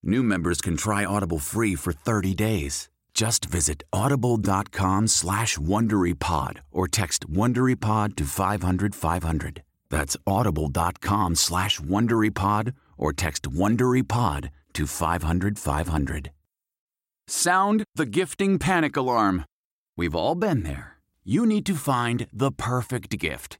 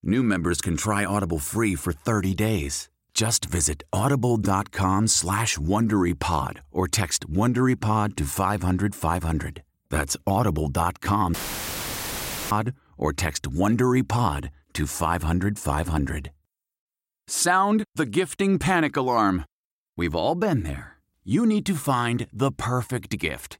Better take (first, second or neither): first